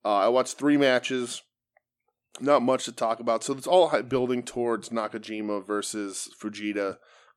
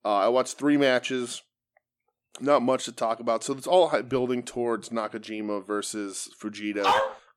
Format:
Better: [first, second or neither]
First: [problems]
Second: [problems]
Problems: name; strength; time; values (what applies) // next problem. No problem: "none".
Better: first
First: none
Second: dog barking; loud; at 7 s; peak 3 dB above the speech